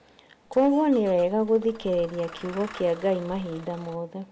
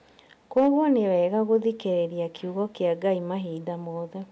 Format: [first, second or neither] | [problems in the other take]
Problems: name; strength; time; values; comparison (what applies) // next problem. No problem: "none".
second | background sound (Engine starting / Bus); 19 dB below the speech